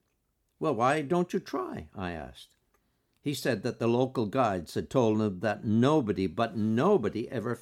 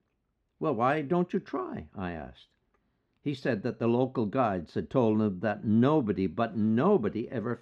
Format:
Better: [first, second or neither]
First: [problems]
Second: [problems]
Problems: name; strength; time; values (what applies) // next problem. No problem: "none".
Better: first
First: none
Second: muffled; slightly; fading above 3 kHz